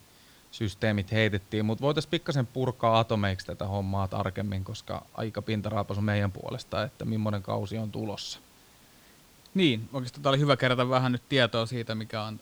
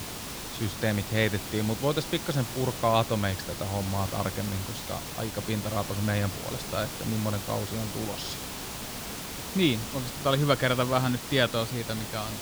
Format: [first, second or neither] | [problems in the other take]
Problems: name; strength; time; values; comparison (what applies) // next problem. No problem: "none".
first | hiss; loud; throughout; 6 dB below the speech; faint in the first